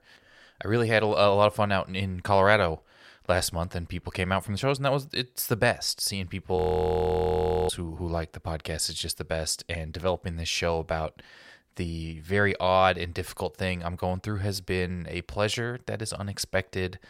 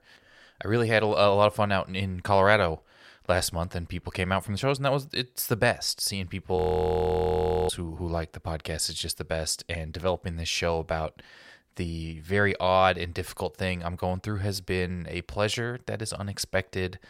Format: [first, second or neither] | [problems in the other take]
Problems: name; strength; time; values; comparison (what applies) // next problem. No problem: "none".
neither | audio freezing; at 6.5 s for 1 s; the same in both